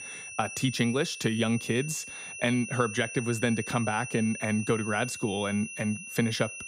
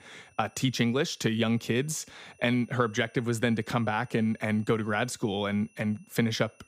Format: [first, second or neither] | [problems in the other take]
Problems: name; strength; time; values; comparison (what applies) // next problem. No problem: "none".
second | high-pitched whine; loud; throughout; 2.5 kHz, 9 dB below the speech; faint in the second